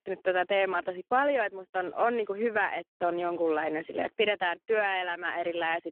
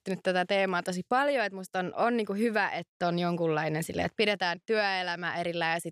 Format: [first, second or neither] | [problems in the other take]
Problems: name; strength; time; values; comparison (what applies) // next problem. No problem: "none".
second | phone-call audio; poor line